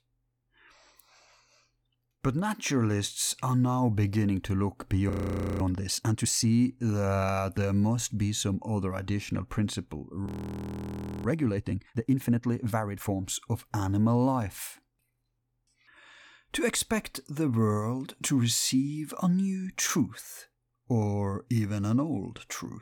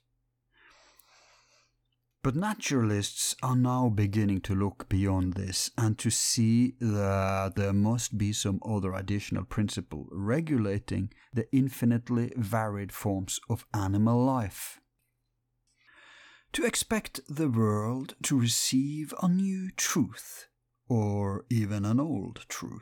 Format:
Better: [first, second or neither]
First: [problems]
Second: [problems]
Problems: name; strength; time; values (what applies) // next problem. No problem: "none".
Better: second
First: audio freezing; at 5 s for 0.5 s and at 10 s for 1 s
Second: none